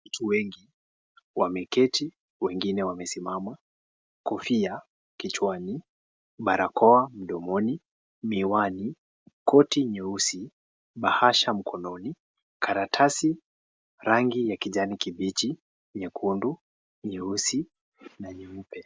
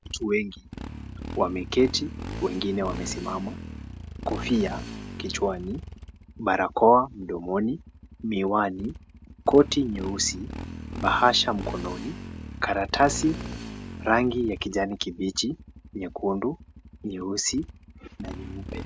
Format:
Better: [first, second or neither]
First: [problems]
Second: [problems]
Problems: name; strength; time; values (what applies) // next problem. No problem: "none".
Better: first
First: none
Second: background sound (Motorcycle); 11 dB below the speech